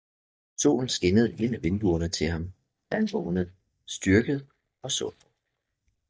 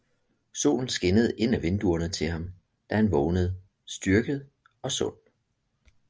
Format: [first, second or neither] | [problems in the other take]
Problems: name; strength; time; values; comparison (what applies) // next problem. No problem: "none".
second | noise reduction (neural mask model DeepFilterNet 3)